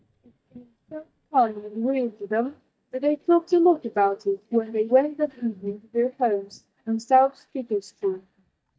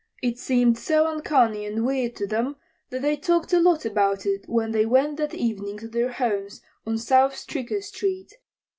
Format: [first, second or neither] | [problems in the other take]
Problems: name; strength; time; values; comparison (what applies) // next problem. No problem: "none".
second | noise reduction (neural mask model DeepFilterNet 3)